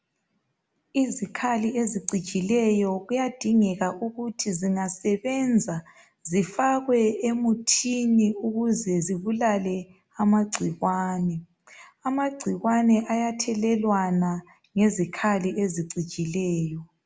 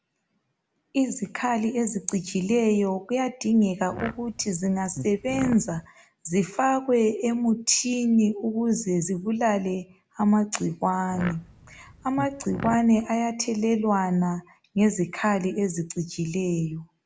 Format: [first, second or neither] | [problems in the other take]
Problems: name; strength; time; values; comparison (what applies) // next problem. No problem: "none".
first | background sound (Fart); 12 dB below the speech